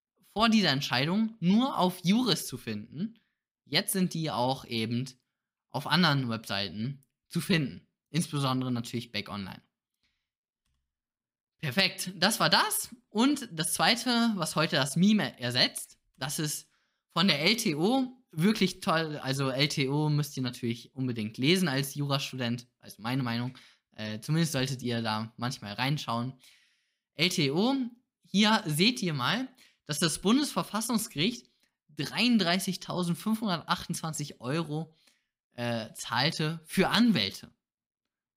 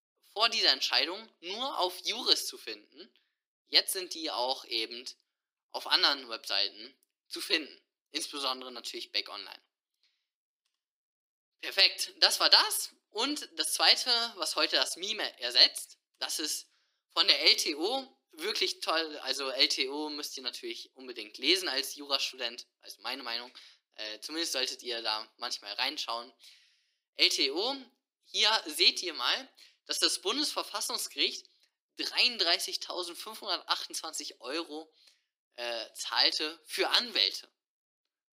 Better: first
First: none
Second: thin; very; fading below 300 Hz

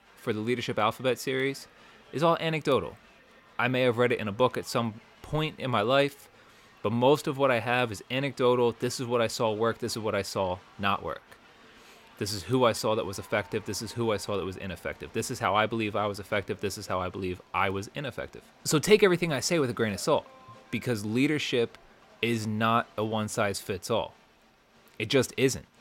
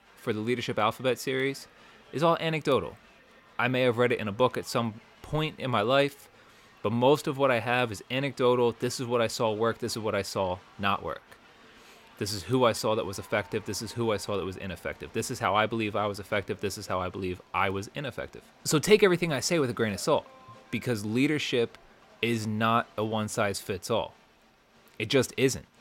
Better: neither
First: crowd noise; faint; throughout; 25 dB below the speech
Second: crowd noise; faint; throughout; 25 dB below the speech

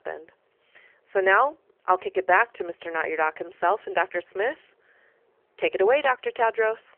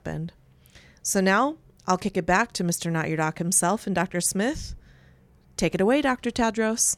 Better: second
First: phone-call audio; nothing above 3 kHz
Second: none

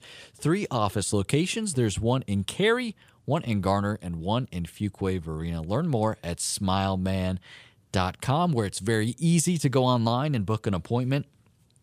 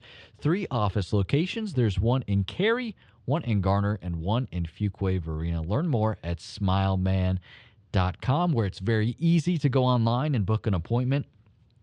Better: first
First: none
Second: muffled; slightly; fading above 4 kHz

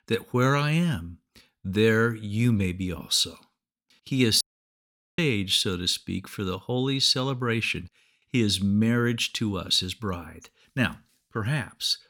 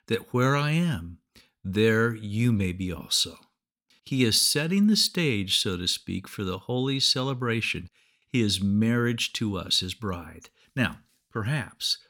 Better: second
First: audio cutting out; at 4.5 s for 1 s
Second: none

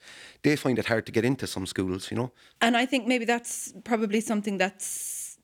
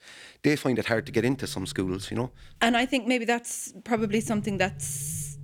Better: first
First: none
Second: low rumble; faint; from 1 to 3 s and from 4 s on; 25 dB below the speech

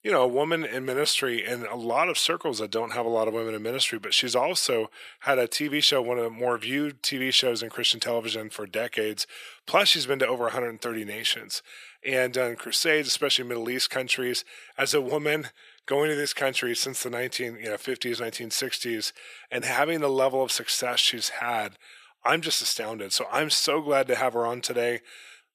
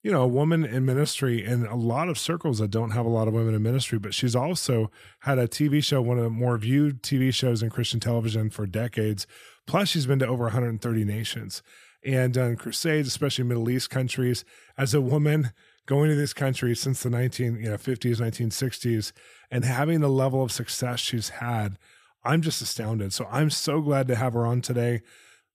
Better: second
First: thin; very; fading below 500 Hz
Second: none

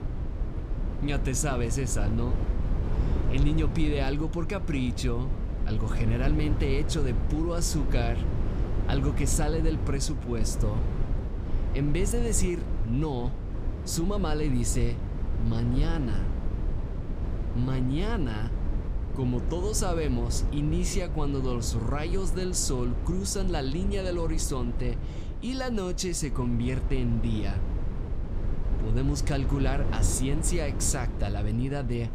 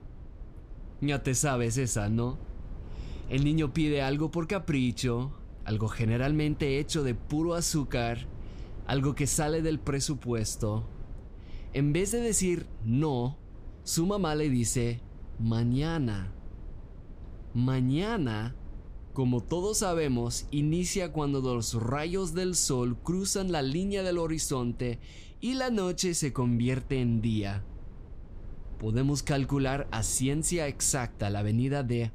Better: second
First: low rumble; loud; throughout; 8 dB below the speech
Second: low rumble; faint; throughout; 25 dB below the speech

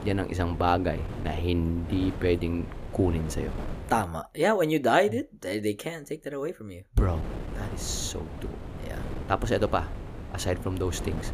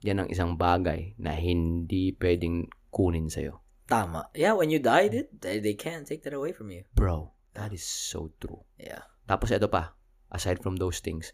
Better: second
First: wind noise on the microphone; occasional gusts; until 4 s and from 7 s on; 15 dB below the speech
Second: none

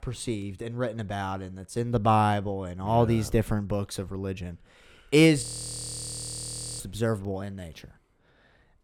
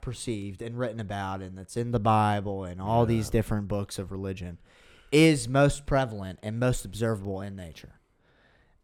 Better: second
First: audio freezing; at 5.5 s for 1.5 s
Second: none

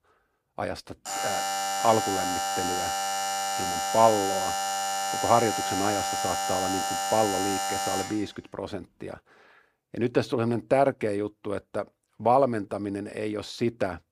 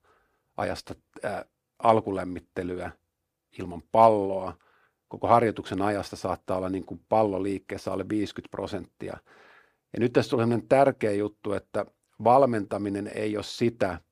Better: second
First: alarm; loud; from 1 to 8 s; peak level with the speech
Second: none

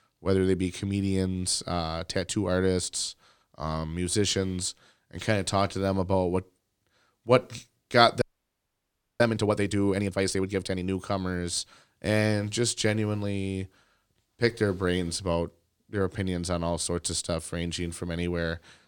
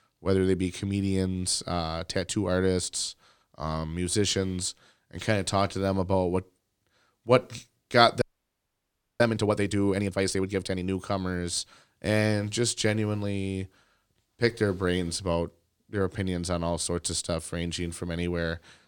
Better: neither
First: audio freezing; at 8 s for 1 s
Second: audio freezing; at 8 s for 1 s

